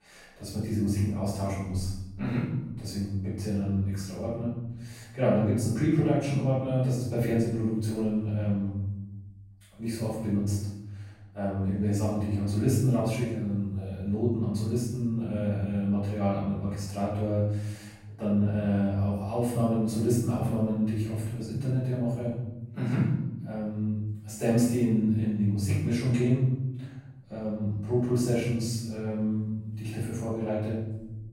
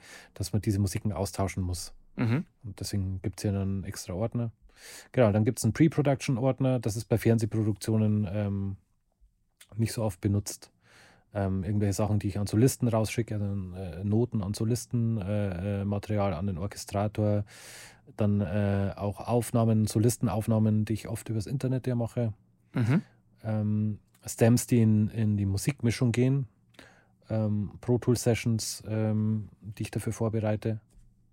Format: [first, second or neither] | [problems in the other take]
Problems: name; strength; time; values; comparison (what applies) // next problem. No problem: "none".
second | off-mic speech; far // room echo; strong; dies away in 0.9 s